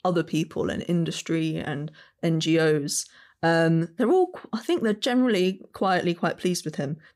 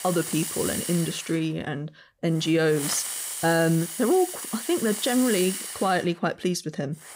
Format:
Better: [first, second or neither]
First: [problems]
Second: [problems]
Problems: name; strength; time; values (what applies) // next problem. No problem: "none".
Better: first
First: none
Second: hiss; loud; throughout; 5 dB below the speech